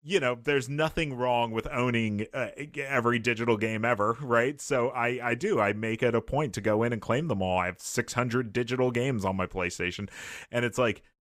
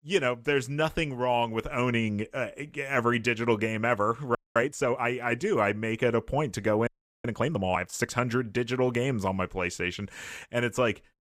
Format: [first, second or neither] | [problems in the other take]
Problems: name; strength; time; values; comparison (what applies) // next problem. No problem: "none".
first | audio freezing; at 4.5 s and at 7 s